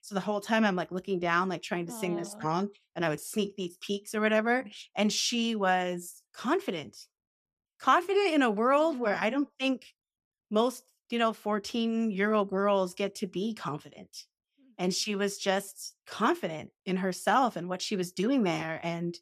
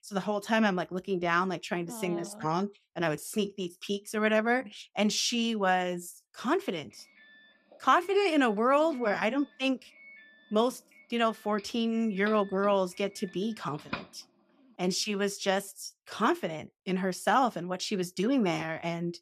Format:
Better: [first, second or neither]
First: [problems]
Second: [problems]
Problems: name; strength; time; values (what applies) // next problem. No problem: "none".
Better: first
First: none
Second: doorbell; faint; from 12 to 14 s; peak 10 dB below the speech